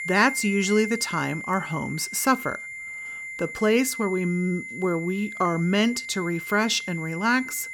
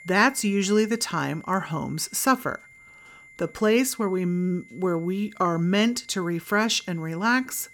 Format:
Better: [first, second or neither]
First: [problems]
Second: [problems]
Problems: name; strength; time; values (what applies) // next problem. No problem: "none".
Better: second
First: high-pitched whine; loud; throughout; 2 kHz, 8 dB below the speech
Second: high-pitched whine; faint; throughout; 2 kHz, 25 dB below the speech